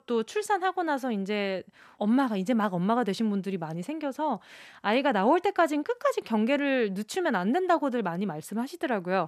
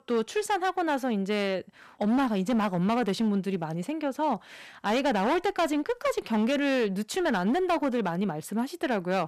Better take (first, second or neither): first